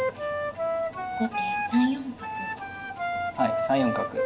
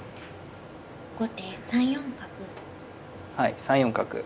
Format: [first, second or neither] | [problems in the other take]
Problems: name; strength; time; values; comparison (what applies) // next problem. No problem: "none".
second | background sound (Wind instrument, woodwind instrument); as loud as the speech // room echo; dies away in 1.7 s